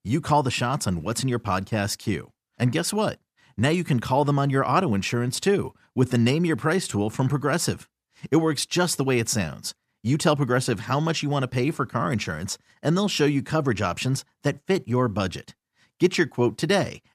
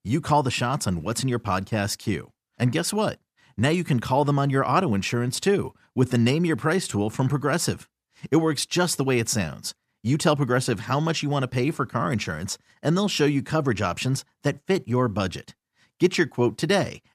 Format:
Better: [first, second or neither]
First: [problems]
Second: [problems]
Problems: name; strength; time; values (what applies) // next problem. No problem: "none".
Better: neither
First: none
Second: none